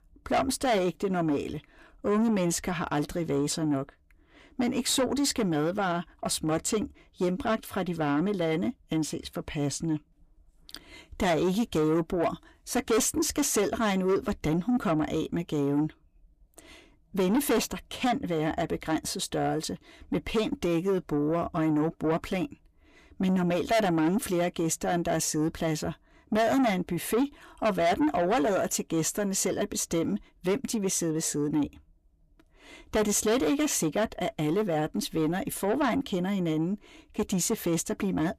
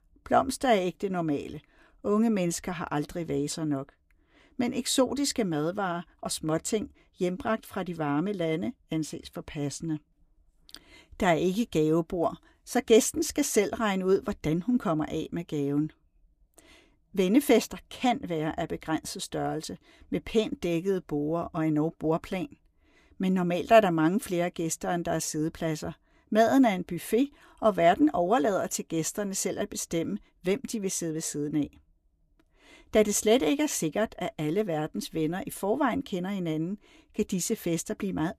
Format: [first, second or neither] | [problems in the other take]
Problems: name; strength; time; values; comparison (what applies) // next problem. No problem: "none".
second | distortion; heavy; 8 dB below the speech